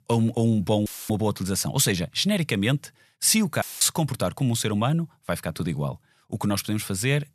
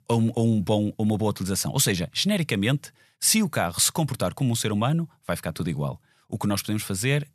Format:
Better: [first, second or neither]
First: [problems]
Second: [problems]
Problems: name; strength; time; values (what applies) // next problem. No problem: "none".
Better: second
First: audio cutting out; filled with static; at 1 s and at 3.5 s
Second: none